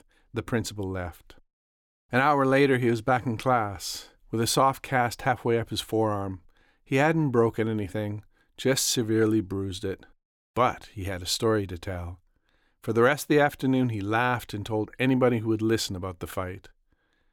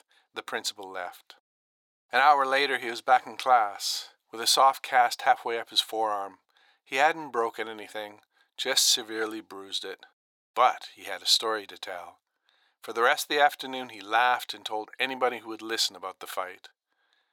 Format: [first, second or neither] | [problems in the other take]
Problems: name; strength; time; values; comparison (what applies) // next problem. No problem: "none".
first | thin; very; fading below 800 Hz